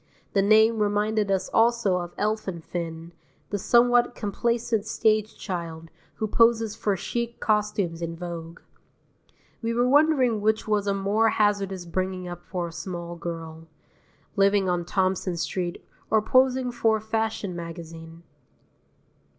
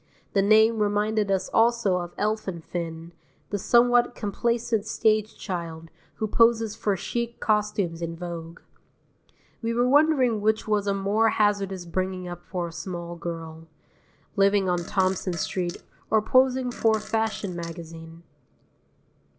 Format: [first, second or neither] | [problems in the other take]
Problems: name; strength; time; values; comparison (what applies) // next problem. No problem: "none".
first | background sound (Fart); 18 dB below the speech